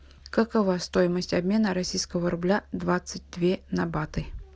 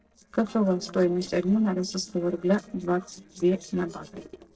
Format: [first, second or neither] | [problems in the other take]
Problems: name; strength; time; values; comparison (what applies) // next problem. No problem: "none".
first | noise reduction (neural separator model SepFormer DNS4)